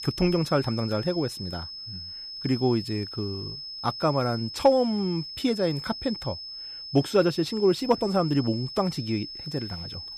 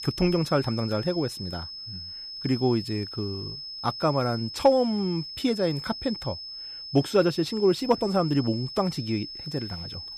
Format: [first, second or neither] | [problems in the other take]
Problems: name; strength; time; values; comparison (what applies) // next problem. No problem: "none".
neither | high-pitched whine; loud; throughout; 5 kHz, 9 dB below the speech; the same in both